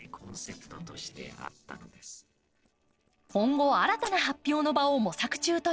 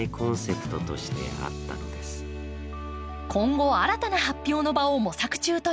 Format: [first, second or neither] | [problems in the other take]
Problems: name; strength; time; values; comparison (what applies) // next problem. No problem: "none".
second | noise reduction (neural separator model SepFormer DNS4)